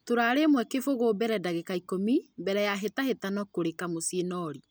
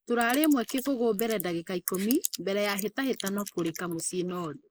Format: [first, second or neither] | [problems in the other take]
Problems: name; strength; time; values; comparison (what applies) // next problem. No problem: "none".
first | noise reduction (neural mask model Resemble Enhance denoiser)